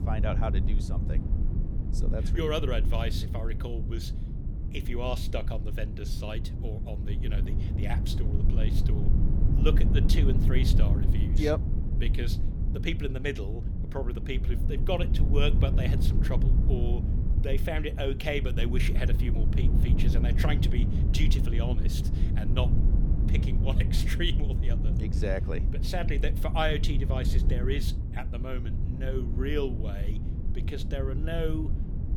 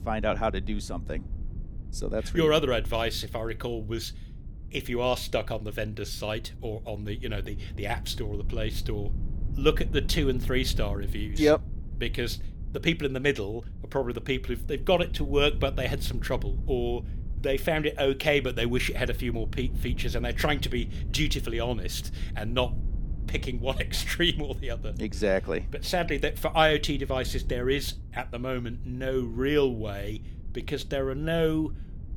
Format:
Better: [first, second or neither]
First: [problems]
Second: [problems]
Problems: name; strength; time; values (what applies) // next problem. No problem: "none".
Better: second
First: low rumble; loud; throughout; 6 dB below the speech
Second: low rumble; faint; throughout; 20 dB below the speech